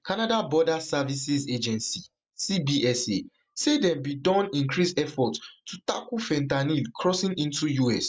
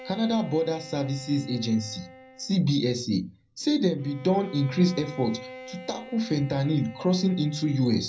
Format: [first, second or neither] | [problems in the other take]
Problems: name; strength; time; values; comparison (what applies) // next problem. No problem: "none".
first | background sound (Bowed string instrument); 18 dB below the speech // room echo; dies away in 0.4 s